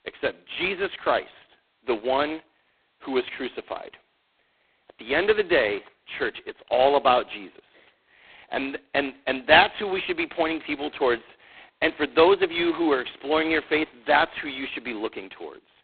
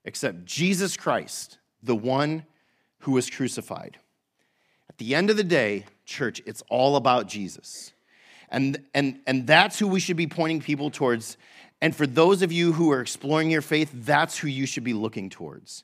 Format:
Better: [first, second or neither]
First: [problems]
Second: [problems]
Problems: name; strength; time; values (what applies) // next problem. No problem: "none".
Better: second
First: phone-call audio; poor line; nothing above 4 kHz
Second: none